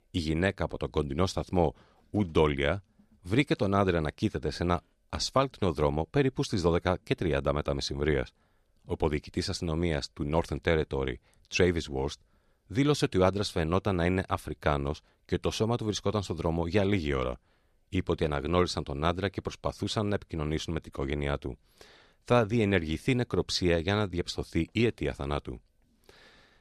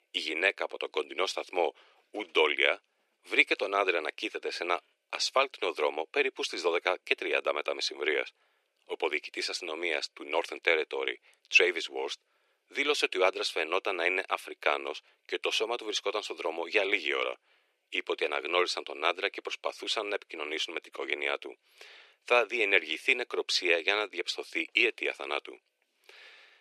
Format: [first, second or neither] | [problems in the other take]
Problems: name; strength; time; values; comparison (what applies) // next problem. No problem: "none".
first | thin; very; fading below 350 Hz